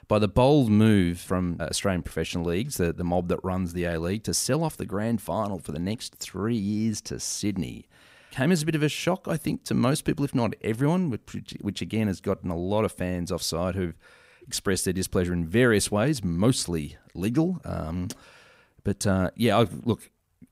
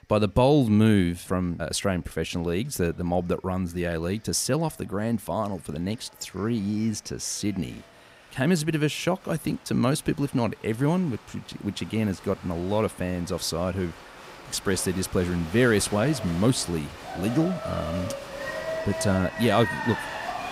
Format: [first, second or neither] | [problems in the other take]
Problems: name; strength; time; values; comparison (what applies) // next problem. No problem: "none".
first | crowd noise; loud; throughout; 10 dB below the speech